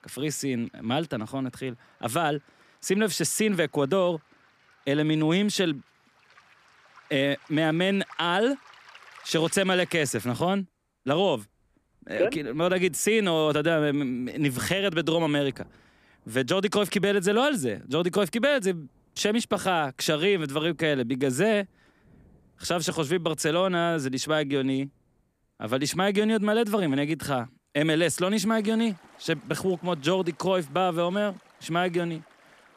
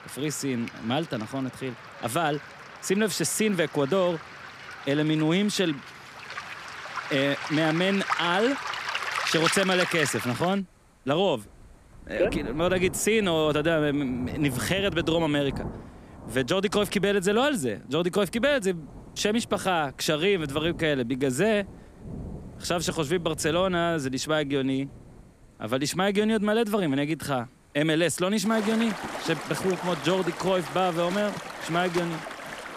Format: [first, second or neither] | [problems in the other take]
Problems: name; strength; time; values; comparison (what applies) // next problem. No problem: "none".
first | rain or running water; loud; throughout; 9 dB below the speech; faint in the first